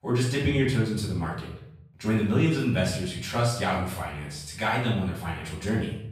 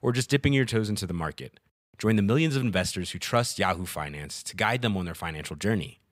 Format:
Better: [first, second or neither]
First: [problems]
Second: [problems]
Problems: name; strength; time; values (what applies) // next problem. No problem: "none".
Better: second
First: off-mic speech; far // room echo; noticeable; dies away in 0.7 s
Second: none